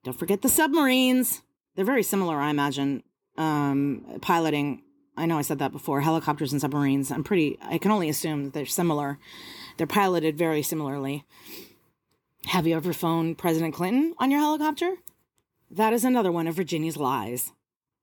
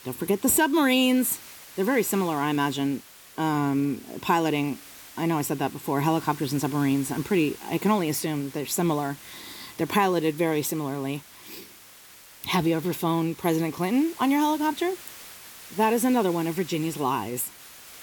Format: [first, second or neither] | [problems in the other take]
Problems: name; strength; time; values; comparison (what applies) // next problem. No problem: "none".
first | hiss; noticeable; throughout; 20 dB below the speech